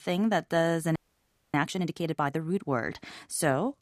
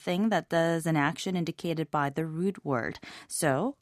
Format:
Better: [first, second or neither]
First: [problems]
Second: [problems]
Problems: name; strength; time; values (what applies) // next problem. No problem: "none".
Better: second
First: audio freezing; at 1 s for 0.5 s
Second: none